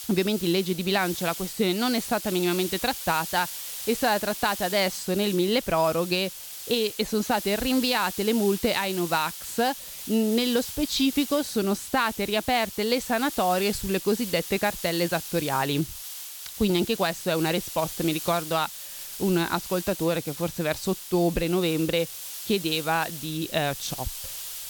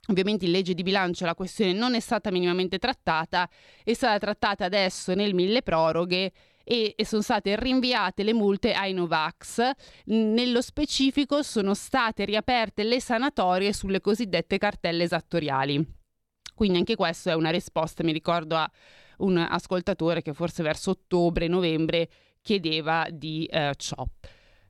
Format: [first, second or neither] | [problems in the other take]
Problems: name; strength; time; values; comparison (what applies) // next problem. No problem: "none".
second | hiss; loud; throughout; 9 dB below the speech